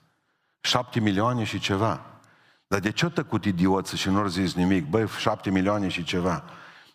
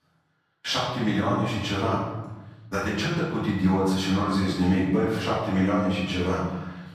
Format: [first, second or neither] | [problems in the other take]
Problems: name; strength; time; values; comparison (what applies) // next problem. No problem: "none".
first | off-mic speech; far // room echo; noticeable; dies away in 1 s